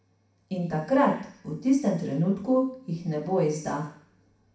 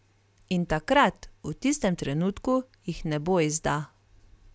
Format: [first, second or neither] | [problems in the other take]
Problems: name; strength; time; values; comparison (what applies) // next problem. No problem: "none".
second | room echo; dies away in 0.6 s